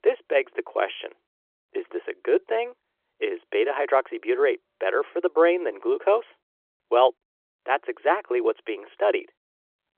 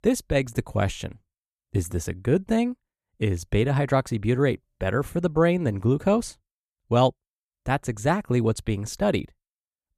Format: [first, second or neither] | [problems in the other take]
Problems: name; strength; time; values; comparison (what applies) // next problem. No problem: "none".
second | phone-call audio; nothing above 3.5 kHz